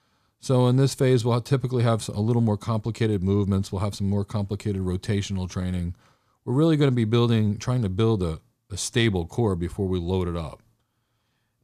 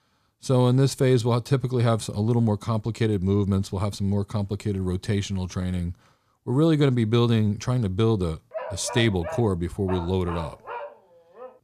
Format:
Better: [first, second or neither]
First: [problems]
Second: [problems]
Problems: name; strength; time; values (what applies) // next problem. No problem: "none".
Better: first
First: none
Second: dog barking; noticeable; from 8.5 s on; peak 10 dB below the speech